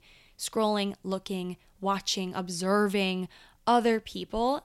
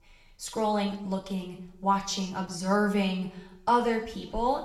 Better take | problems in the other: first | room echo; slight; dies away in 0.6 s // off-mic speech; somewhat distant

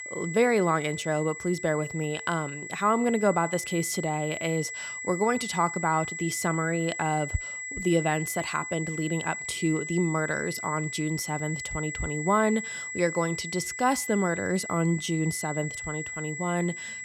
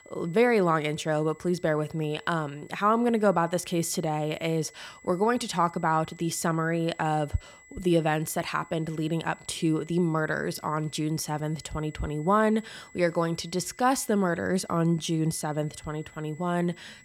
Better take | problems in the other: second | high-pitched whine; loud; throughout; 2 kHz, 7 dB below the speech; faint in the second

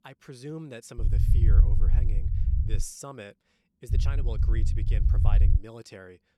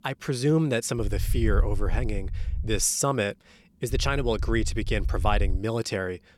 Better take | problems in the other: second | low rumble; loud; from 1 to 3 s and from 4 to 5.5 s; 1 dB below the speech; faint in the second

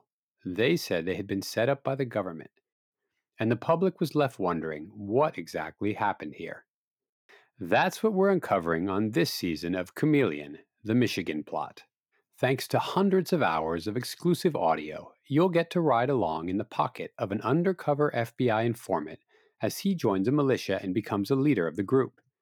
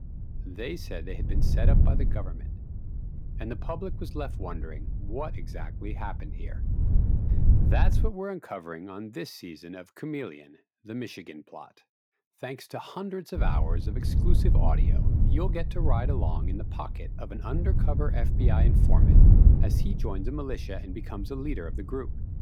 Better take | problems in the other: first | wind noise on the microphone; heavy; until 8 s and from 13 s on; 4 dB below the speech

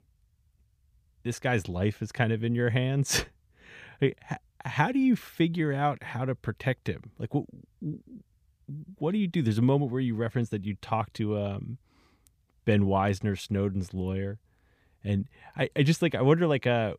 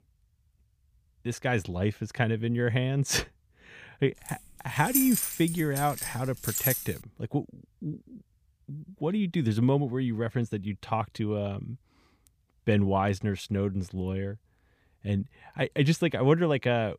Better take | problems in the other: first | jangling keys; loud; from 4.5 to 7 s; peak 3 dB above the speech

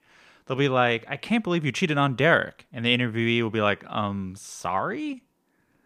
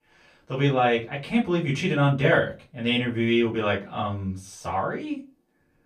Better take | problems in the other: first | off-mic speech; far // room echo; very slight; dies away in 0.2 s

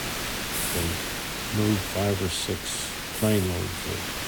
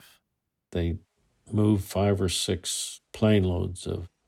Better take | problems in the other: second | hiss; loud; throughout; 1 dB below the speech

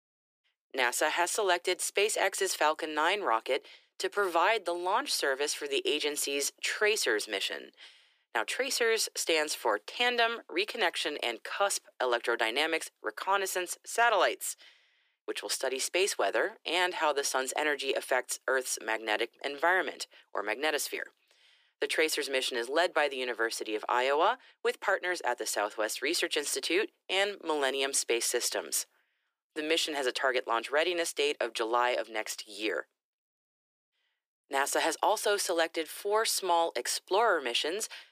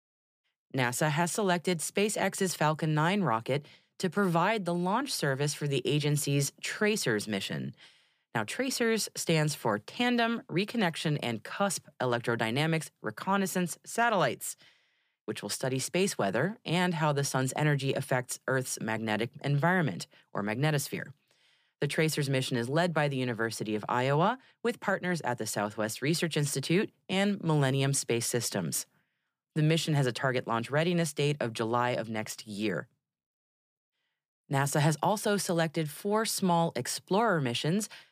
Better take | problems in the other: second | thin; very; fading below 350 Hz

